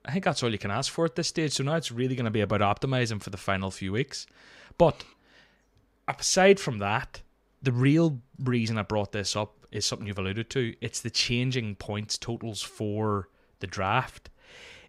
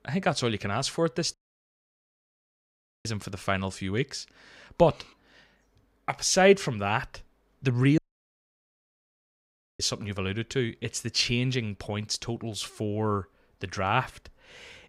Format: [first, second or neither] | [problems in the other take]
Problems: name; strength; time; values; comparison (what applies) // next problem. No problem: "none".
first | audio cutting out; at 1.5 s for 1.5 s and at 8 s for 2 s